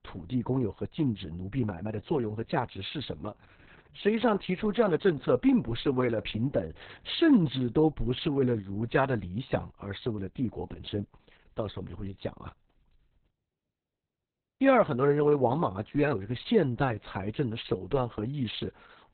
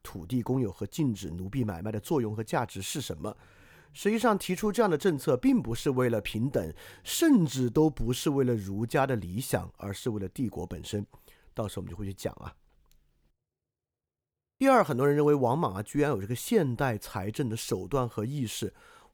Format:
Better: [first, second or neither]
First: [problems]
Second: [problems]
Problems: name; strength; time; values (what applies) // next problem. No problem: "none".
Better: second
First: garbled, watery; badly; nothing above 4 kHz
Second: none